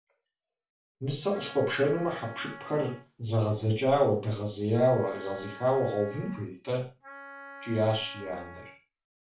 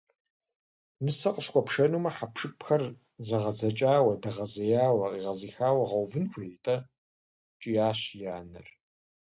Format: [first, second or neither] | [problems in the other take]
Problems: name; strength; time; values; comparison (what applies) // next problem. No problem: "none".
second | background sound (Wind instrument, woodwind instrument); 17 dB below the speech // room echo; dies away in 0.3 s